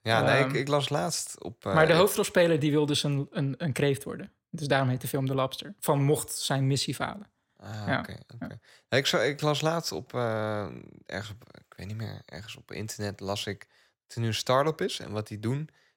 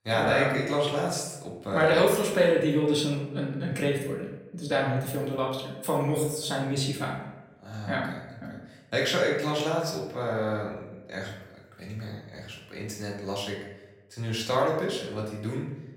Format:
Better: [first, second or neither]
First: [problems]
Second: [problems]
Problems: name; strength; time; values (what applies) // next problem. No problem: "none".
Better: first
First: none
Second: room echo; noticeable; dies away in 0.8 s // off-mic speech; far